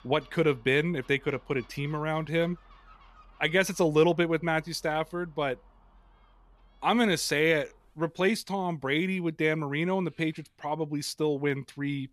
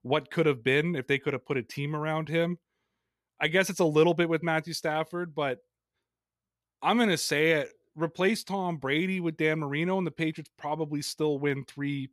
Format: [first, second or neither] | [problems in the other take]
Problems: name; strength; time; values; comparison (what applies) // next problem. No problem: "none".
second | animal sounds; faint; throughout; 30 dB below the speech